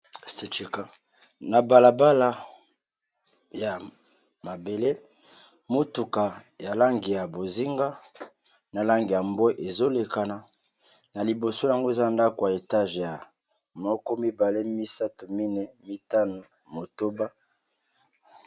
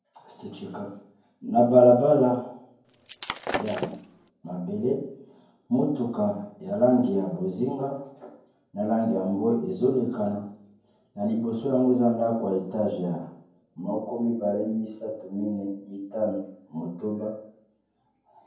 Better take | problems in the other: first | background sound (Shatter); 8 dB below the speech // room echo; dies away in 0.9 s

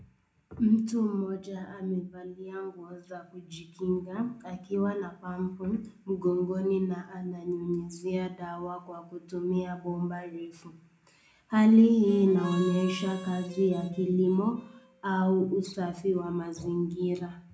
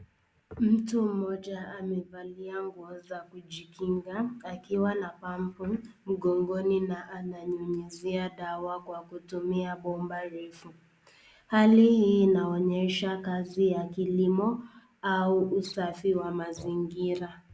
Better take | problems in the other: second | background sound (Harmonica); 16 dB below the speech // room echo; dies away in 0.3 s

